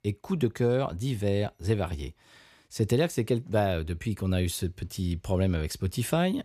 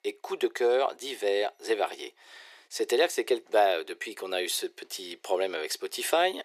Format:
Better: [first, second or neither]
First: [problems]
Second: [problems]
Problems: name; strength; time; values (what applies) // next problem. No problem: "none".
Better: first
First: none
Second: thin; very; fading below 350 Hz